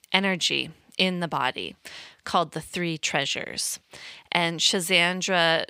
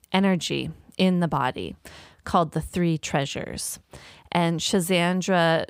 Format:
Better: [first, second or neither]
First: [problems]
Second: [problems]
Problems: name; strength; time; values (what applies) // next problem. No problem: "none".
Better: second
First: thin; very slightly; fading below 600 Hz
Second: none